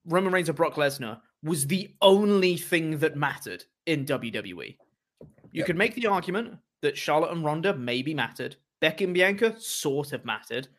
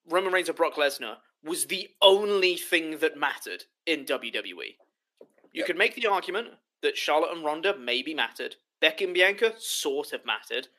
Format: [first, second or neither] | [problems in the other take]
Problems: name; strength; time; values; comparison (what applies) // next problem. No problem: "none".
first | thin; somewhat; fading below 300 Hz